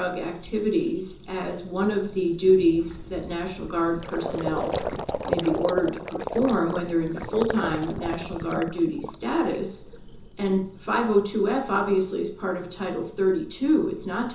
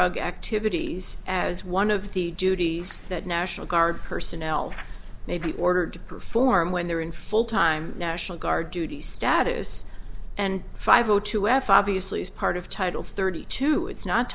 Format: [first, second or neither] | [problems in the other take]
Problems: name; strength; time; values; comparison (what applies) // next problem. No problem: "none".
second | background sound (Gurgling); 10 dB below the speech // room echo; dies away in 0.6 s